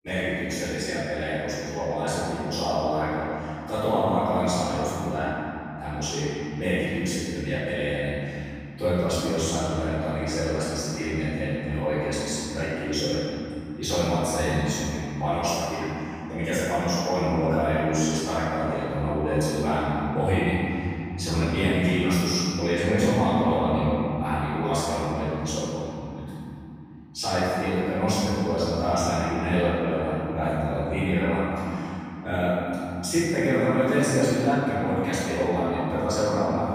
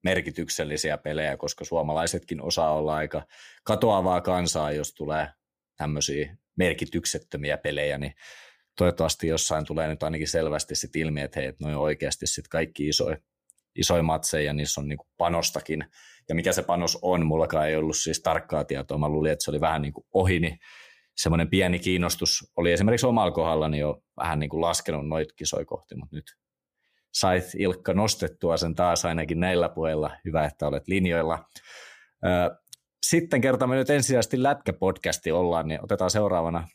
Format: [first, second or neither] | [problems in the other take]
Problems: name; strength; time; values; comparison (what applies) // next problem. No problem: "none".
second | off-mic speech; far // room echo; strong; dies away in 3 s